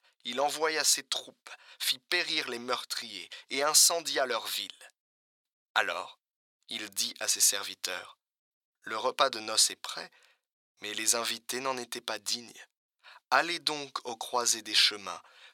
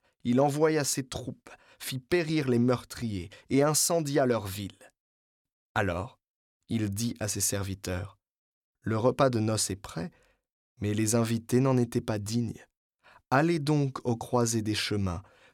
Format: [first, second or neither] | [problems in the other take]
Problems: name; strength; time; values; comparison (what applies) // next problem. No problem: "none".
second | thin; very; fading below 850 Hz